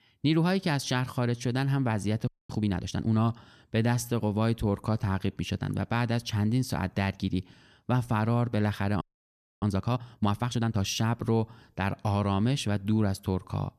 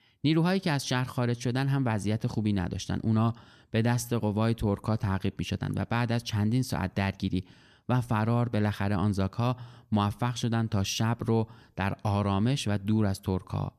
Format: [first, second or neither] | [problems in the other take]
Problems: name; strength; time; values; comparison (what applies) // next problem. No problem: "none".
second | audio freezing; at 2.5 s and at 9 s for 0.5 s